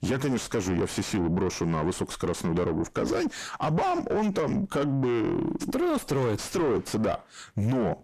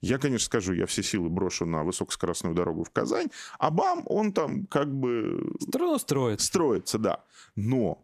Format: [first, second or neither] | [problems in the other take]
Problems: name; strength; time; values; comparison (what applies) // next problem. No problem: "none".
second | distortion; heavy; 5 dB below the speech